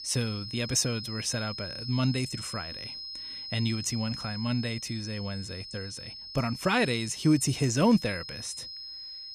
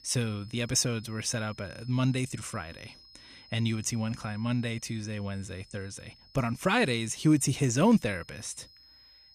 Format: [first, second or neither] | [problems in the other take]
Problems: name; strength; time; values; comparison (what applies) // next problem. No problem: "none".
second | high-pitched whine; loud; throughout; 5 kHz, 9 dB below the speech; faint in the second